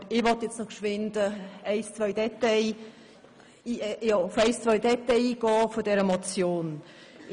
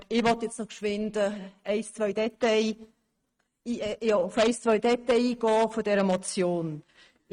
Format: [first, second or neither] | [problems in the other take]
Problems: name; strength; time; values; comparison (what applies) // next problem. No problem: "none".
first | noise reduction (neural mask model RNNoise)